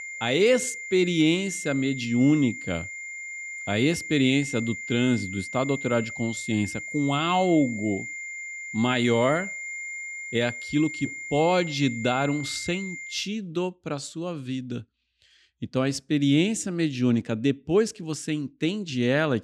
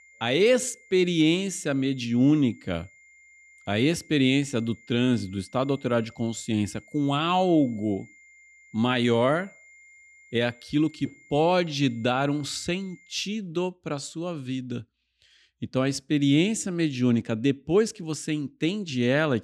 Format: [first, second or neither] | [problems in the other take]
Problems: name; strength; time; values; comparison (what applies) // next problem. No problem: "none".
second | high-pitched whine; loud; until 13 s; 2 kHz, 9 dB below the speech; faint in the second